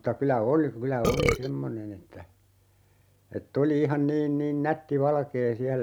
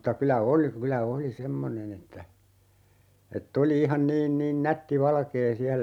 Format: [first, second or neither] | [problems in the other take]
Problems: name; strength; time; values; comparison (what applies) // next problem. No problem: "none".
second | background sound (Burping, eructation); 2 dB above the speech